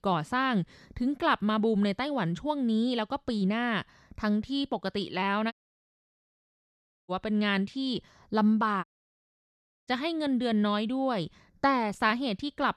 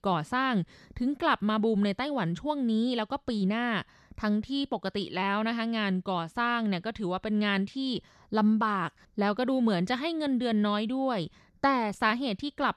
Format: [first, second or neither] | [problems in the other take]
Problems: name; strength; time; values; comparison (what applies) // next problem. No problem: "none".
second | audio cutting out; at 5.5 s for 1.5 s and at 9 s for 1 s